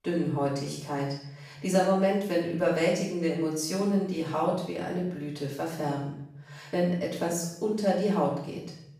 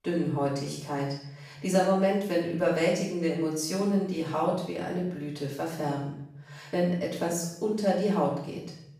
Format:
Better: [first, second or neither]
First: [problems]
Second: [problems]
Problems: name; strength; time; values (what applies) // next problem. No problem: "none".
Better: neither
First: off-mic speech; far // room echo; noticeable; dies away in 0.7 s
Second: off-mic speech; far // room echo; noticeable; dies away in 0.7 s